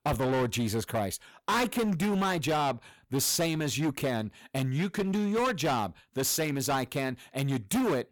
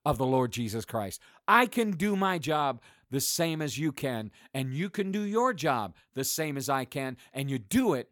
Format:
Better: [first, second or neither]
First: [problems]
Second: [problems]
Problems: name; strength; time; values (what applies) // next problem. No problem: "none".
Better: second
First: distortion; heavy; 19% of the sound clipped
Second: none